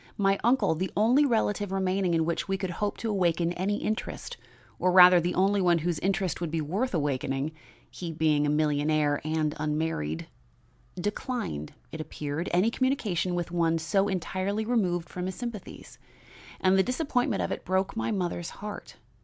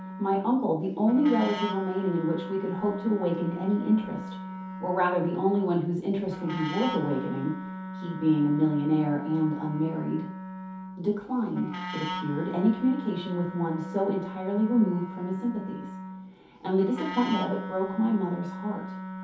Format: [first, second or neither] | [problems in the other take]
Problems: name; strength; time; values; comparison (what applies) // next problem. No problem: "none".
first | background sound (Wind instrument, woodwind instrument); 9 dB below the speech // room echo; dies away in 0.5 s